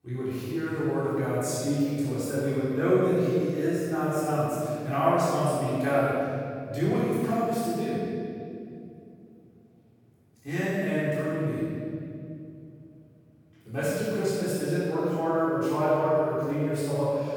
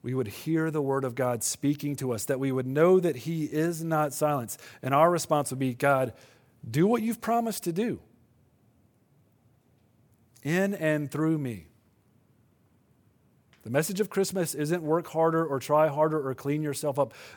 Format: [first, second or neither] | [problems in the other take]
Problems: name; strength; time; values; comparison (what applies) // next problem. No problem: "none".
second | room echo; strong; dies away in 2.4 s // off-mic speech; far